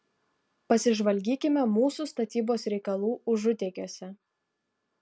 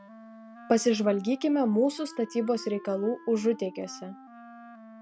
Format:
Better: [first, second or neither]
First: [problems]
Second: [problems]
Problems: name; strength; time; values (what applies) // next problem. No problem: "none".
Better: first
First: none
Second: background sound (Wind instrument, woodwind instrument); 19 dB below the speech